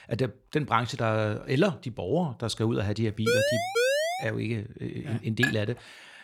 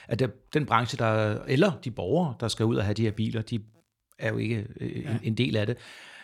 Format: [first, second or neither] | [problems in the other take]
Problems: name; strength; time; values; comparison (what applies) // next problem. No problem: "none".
second | siren; loud; at 3.5 s; peak 5 dB above the speech // clattering dishes; noticeable; at 5.5 s; peak level with the speech